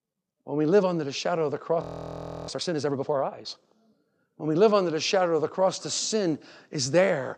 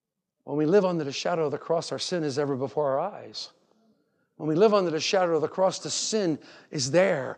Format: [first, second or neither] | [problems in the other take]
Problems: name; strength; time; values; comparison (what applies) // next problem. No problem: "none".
second | audio freezing; at 2 s for 0.5 s